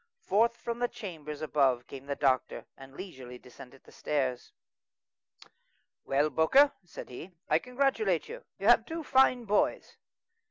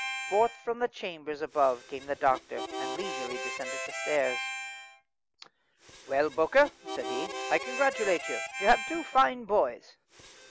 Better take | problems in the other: first | background sound (Harmonica); 8 dB below the speech

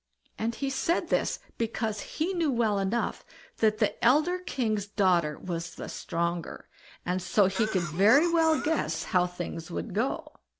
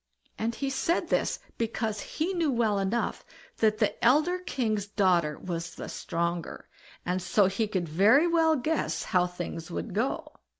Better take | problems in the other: second | background sound (Cough); 11 dB below the speech

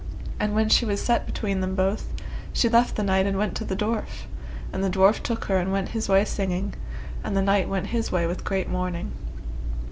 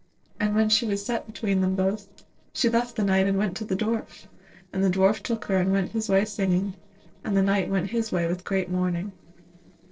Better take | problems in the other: first | noise reduction (neural separator model SepFormer DNS4)

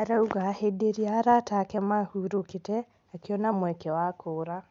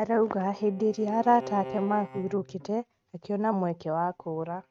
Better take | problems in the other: first | noise reduction (neural mask model RNNoise)

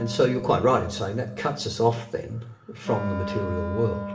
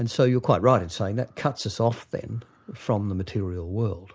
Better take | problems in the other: second | background sound (Wind instrument, woodwind instrument); 9 dB below the speech // room echo; dies away in 0.7 s

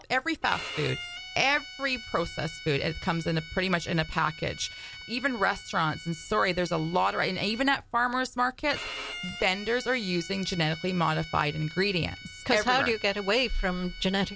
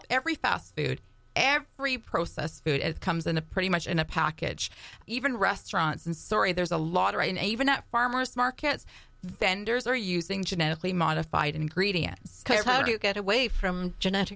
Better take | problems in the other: second | background sound (Bowed string instrument); 14 dB below the speech

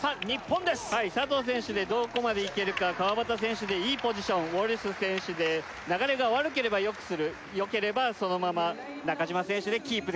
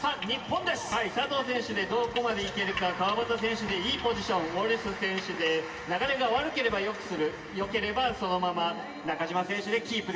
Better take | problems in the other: first | background sound (Drum / Drum kit); 20 dB below the speech // room echo; dies away in 2.4 s

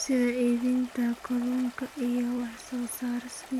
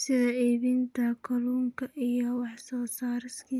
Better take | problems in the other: second | background sound (Stream); 18 dB below the speech

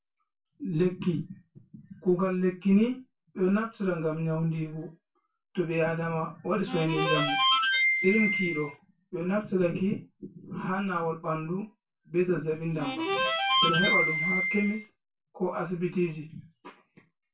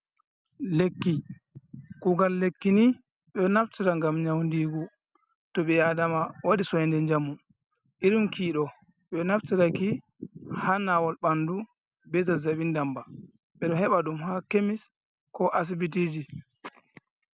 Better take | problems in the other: second | background sound (Harmonica); 3 dB above the speech // room echo; dies away in 0.2 s

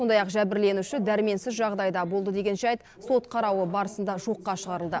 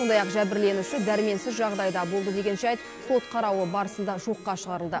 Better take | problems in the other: first | background sound (Harp); 13 dB below the speech

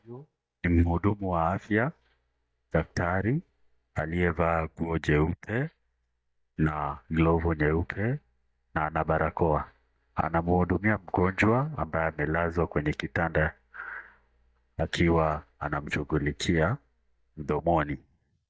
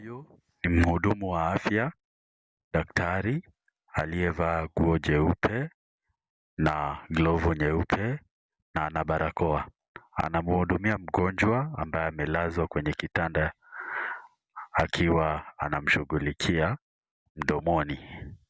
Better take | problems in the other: second | noise reduction (neural mask model DeepFilterNet 3)

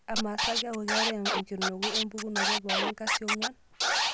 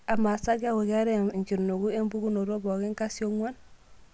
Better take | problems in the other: second | background sound (Scratching (performance technique)); 5 dB above the speech

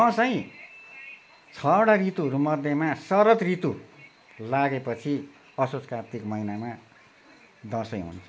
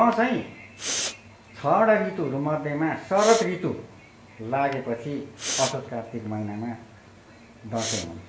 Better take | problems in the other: first | background sound (Respiratory sounds); 11 dB below the speech // room echo; dies away in 0.7 s

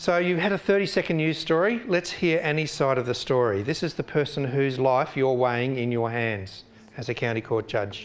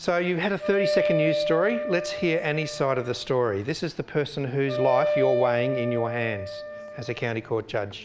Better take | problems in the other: first | background sound (Wind instrument, woodwind instrument); 3 dB below the speech

